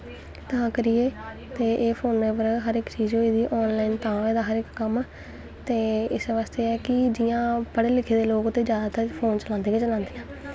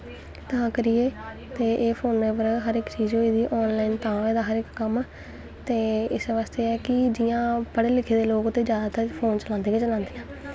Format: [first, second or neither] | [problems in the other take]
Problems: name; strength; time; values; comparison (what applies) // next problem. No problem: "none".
first | background sound (Wind instrument, woodwind instrument); 19 dB below the speech